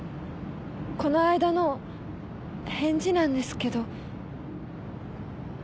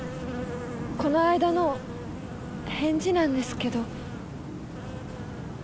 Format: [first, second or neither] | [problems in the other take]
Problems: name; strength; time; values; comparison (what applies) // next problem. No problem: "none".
first | background sound (Insect); 12 dB below the speech